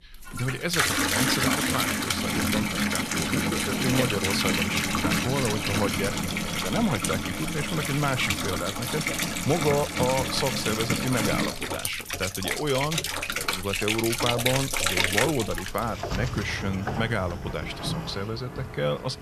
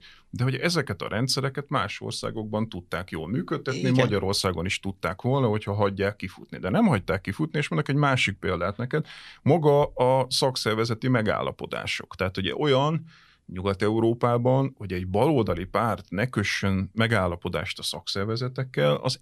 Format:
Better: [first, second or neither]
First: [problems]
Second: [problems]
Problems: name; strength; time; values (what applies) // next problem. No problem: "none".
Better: second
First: household noises; very loud; throughout; 3 dB above the speech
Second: none